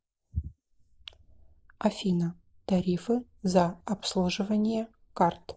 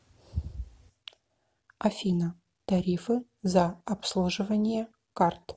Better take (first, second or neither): second